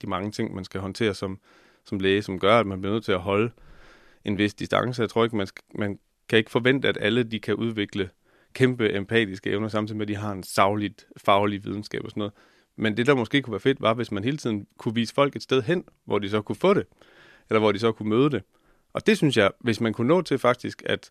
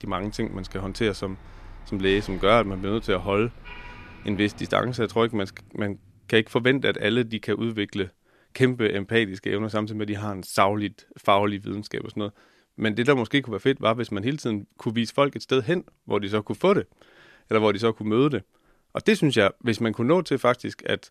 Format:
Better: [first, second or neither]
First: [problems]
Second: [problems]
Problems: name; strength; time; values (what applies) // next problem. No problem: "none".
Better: first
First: none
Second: traffic noise; faint; until 5 s; 20 dB below the speech